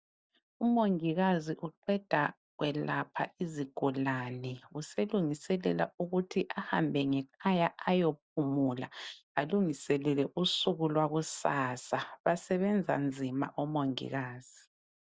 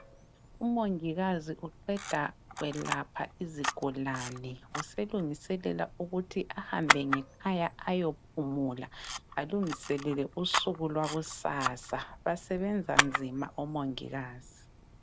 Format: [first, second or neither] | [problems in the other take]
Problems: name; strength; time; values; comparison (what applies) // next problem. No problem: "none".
first | background sound (Camera); 4 dB below the speech